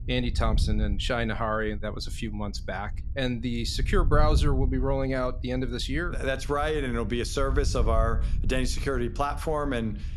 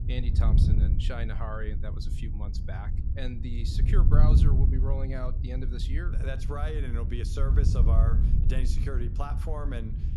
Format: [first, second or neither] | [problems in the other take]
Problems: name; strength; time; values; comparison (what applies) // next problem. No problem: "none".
first | wind noise on the microphone; heavy; 3 dB below the speech; occasional gusts in the first